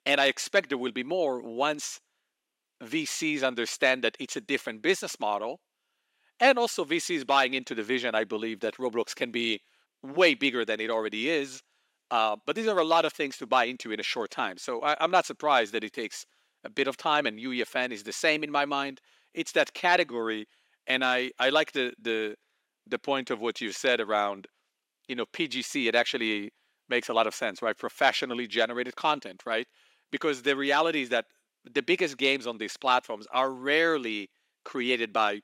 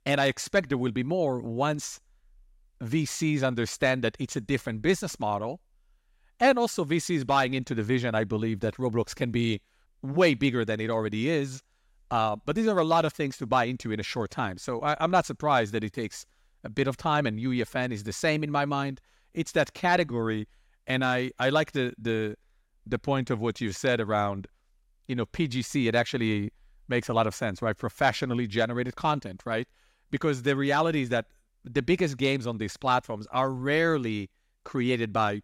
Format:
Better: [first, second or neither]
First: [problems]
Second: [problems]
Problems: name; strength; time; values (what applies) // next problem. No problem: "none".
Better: second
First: thin; somewhat; fading below 300 Hz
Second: none